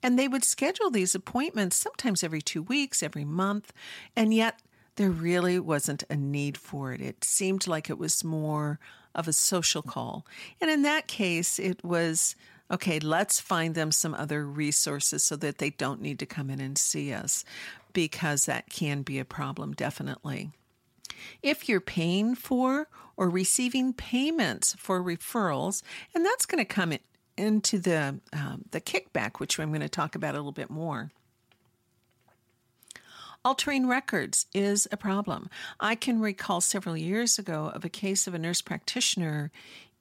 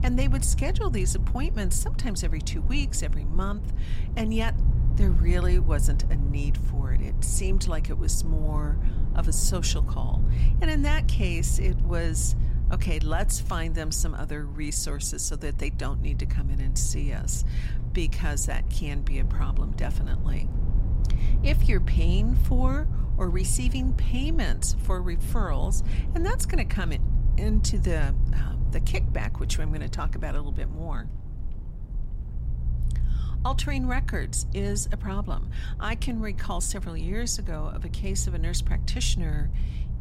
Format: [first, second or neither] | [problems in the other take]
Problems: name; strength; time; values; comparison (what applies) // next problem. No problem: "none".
first | low rumble; noticeable; throughout; 10 dB below the speech